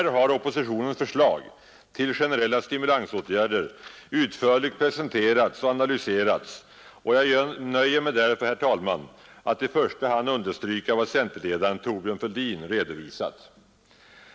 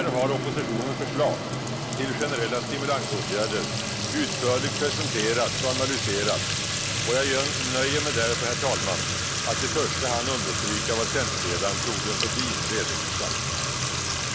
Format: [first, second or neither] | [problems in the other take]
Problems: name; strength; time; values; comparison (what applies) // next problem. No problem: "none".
first | background sound (Fill (with liquid) / Trickle, dribble / Sink (filling or washing)); 2 dB above the speech